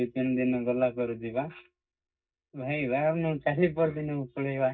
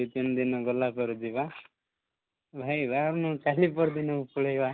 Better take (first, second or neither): second